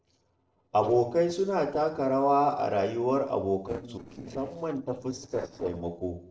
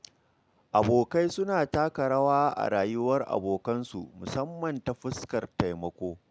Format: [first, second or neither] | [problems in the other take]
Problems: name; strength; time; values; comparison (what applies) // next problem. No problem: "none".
second | noise reduction (neural separator model SepFormer DNS4)